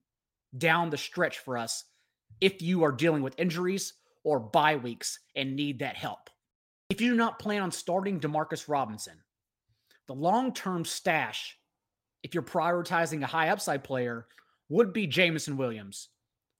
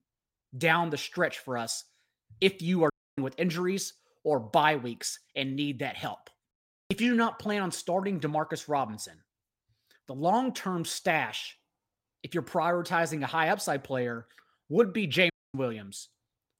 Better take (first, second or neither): first